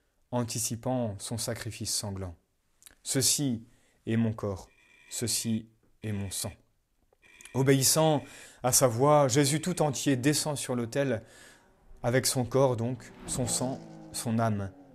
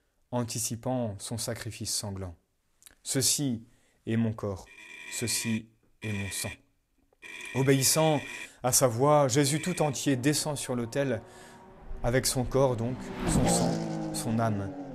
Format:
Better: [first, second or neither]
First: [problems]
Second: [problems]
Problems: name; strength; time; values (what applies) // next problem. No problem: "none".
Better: first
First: traffic noise; faint; from 5 s on; 20 dB below the speech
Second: traffic noise; loud; from 5 s on; 7 dB below the speech